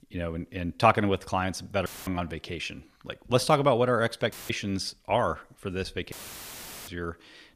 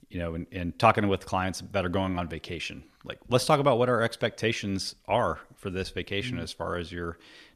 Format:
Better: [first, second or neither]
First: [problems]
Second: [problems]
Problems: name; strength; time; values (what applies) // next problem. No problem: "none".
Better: second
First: audio cutting out; filled with static; at 2 s, at 4.5 s and at 6 s for 1 s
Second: none